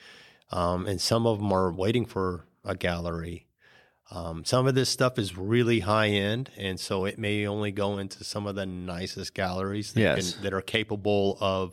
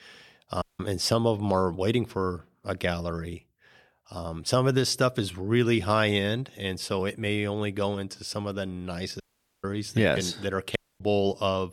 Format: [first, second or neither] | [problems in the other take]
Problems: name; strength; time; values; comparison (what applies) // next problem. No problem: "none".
first | audio cutting out; at 0.5 s, at 9 s and at 11 s